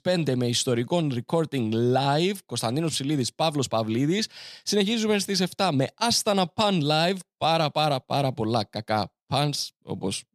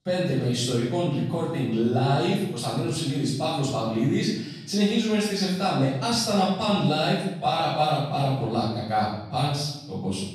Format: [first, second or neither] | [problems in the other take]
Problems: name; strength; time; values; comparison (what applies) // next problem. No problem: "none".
first | room echo; strong; dies away in 0.8 s // off-mic speech; far